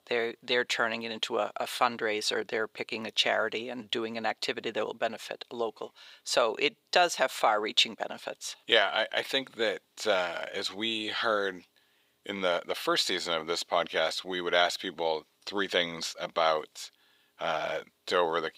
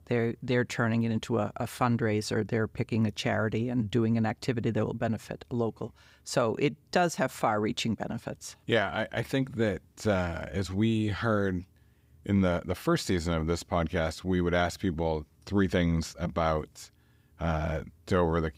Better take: second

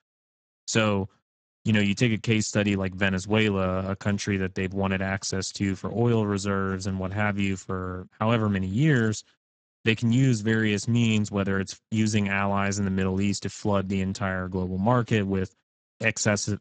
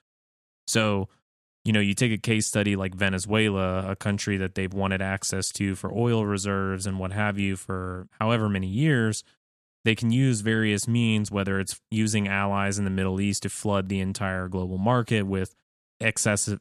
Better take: second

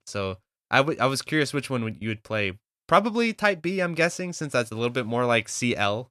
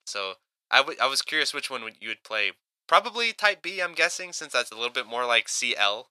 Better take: first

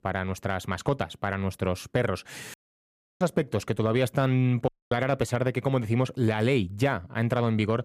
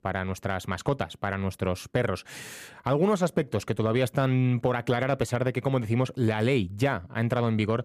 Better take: second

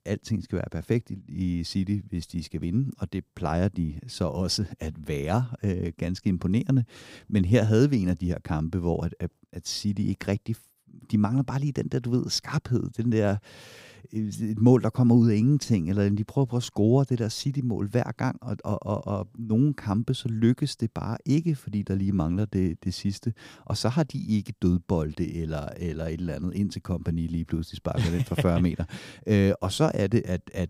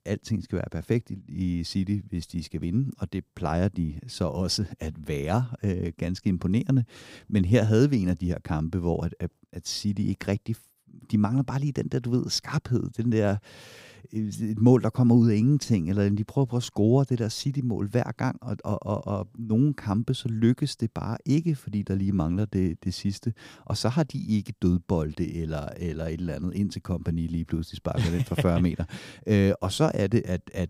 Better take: neither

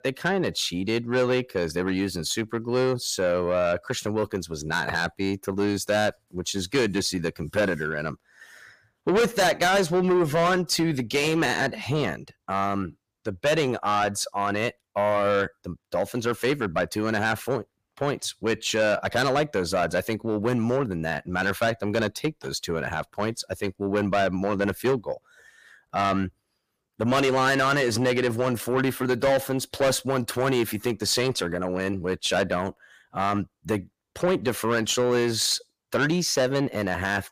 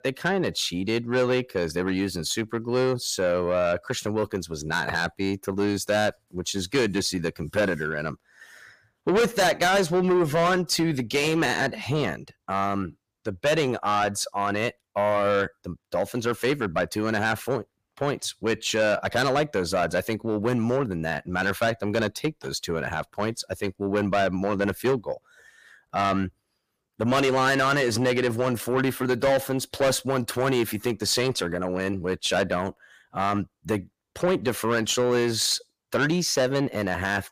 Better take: neither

